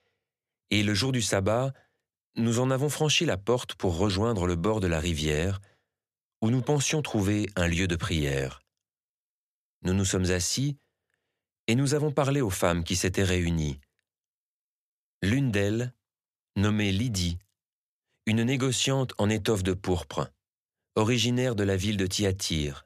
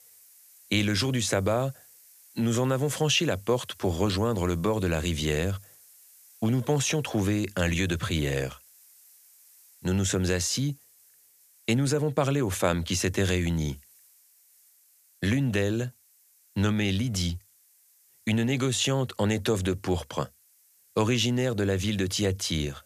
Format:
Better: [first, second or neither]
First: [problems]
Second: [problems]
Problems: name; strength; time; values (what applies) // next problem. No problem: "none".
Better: first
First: none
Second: hiss; faint; throughout; 25 dB below the speech